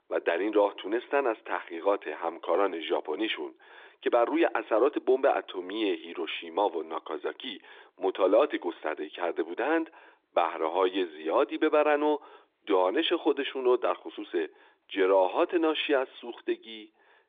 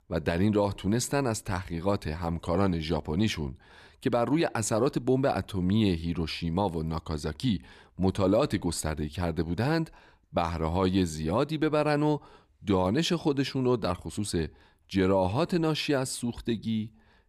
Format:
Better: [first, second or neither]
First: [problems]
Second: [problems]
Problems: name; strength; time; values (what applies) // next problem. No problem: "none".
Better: second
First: phone-call audio; nothing above 3.5 kHz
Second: none